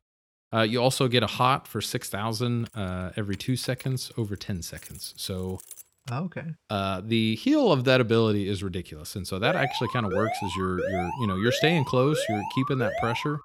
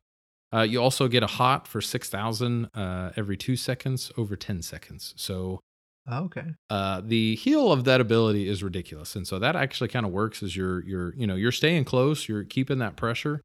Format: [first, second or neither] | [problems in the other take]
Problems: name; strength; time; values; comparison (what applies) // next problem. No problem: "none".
second | jangling keys; faint; from 2.5 to 6 s; peak 15 dB below the speech // alarm; noticeable; from 9.5 s on; peak 4 dB below the speech